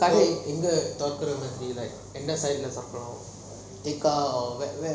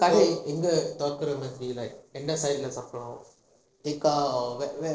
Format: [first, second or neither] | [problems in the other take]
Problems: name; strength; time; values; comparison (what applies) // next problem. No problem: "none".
first | noise reduction (neural separator model SepFormer DNS4)